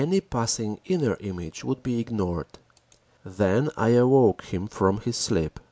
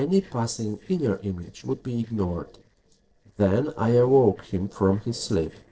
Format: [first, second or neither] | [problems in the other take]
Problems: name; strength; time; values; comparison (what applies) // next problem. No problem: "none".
first | noise reduction (neural separator model SepFormer DNS4)